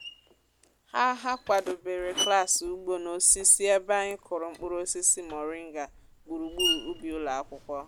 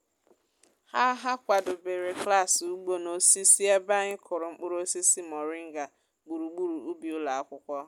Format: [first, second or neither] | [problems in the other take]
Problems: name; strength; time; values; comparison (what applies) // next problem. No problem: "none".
second | background sound (Screech); 10 dB below the speech